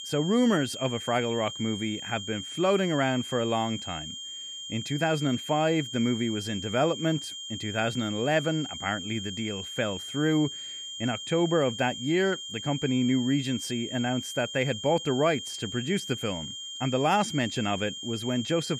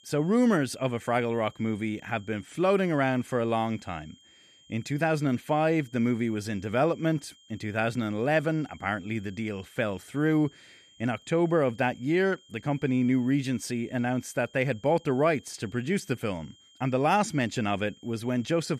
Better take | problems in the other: second | high-pitched whine; loud; throughout; 3 kHz, 8 dB below the speech; faint in the second

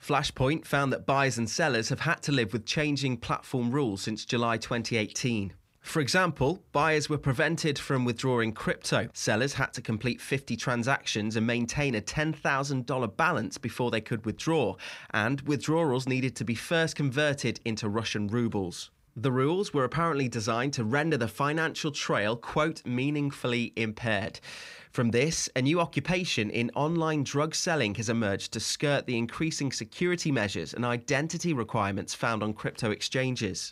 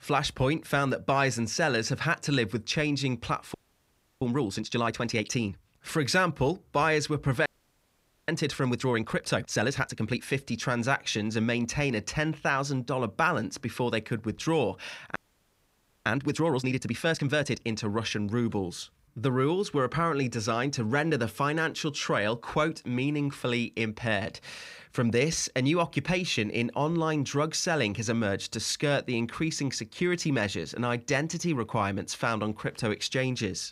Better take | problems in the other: first | audio freezing; at 3.5 s for 0.5 s, at 7.5 s for 1 s and at 15 s for 1 s

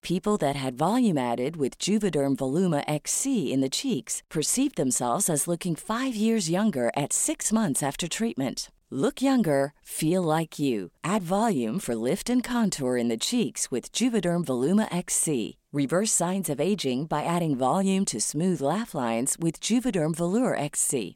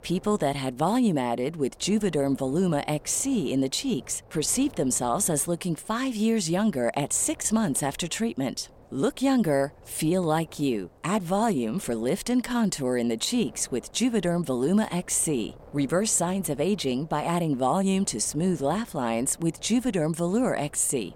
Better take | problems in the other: first | wind noise on the microphone; occasional gusts; 25 dB below the speech

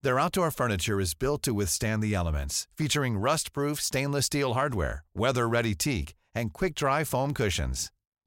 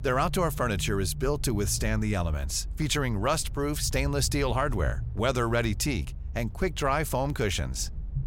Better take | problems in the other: first | low rumble; faint; throughout; 25 dB below the speech

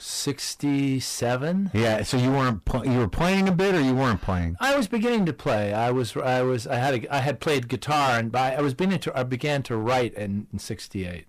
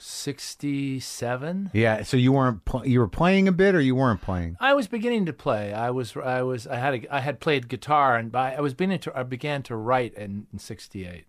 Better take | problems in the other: second | distortion; heavy; 20% of the sound clipped

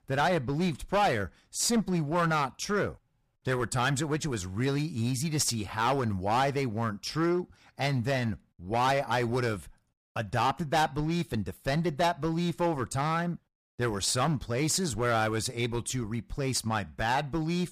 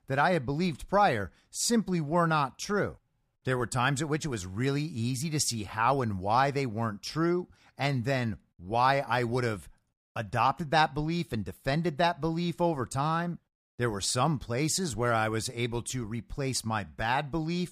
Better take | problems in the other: second | distortion; slight; 7% of the sound clipped

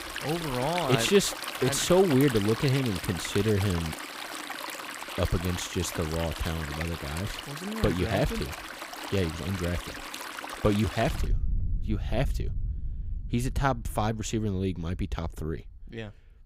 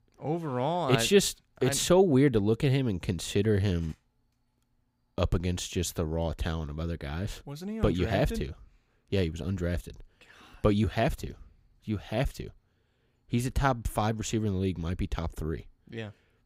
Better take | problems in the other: second | rain or running water; loud; throughout; 7 dB below the speech

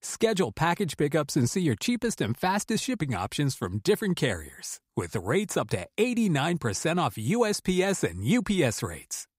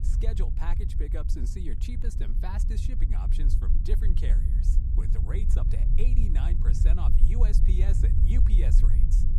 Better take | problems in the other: first | low rumble; loud; throughout; 2 dB below the speech

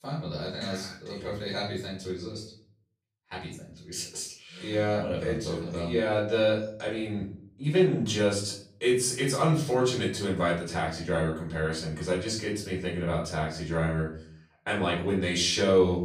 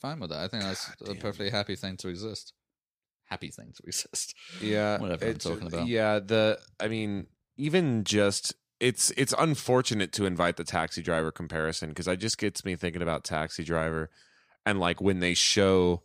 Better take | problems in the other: second | off-mic speech; far // room echo; noticeable; dies away in 0.4 s

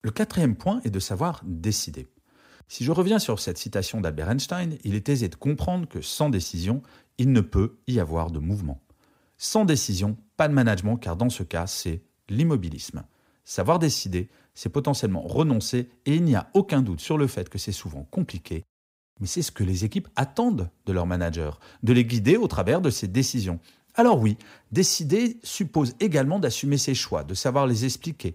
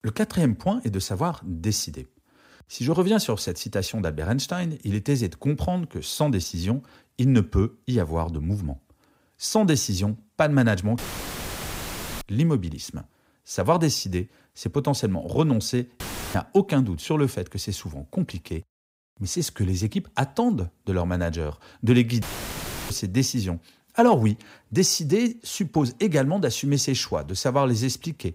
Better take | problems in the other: first | audio cutting out; filled with static; at 11 s for 1 s, at 16 s and at 22 s for 0.5 s

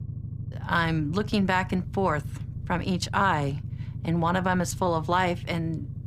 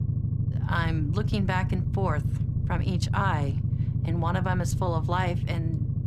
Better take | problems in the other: first | low rumble; loud; throughout; 9 dB below the speech; faint in the first

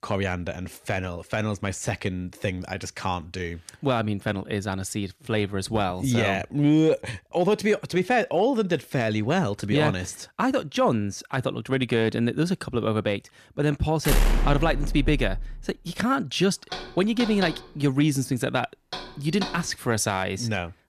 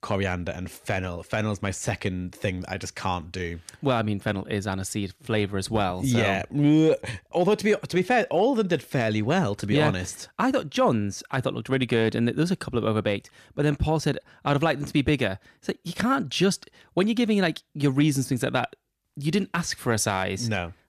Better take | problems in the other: second | door banging; loud; from 14 to 16 s; peak 2 dB above the speech // door banging; noticeable; from 17 to 20 s; peak 7 dB below the speech

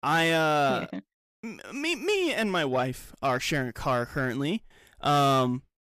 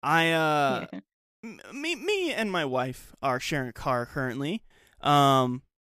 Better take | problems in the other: second | distortion; slight; 10 dB below the speech

